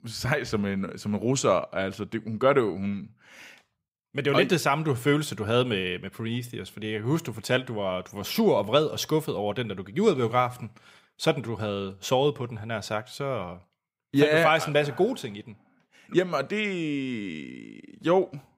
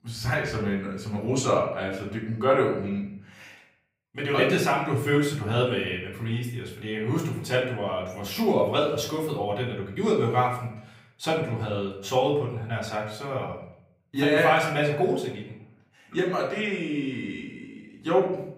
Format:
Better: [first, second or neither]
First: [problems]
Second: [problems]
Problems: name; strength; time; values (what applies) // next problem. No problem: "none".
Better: first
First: none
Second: off-mic speech; far // room echo; slight; dies away in 0.6 s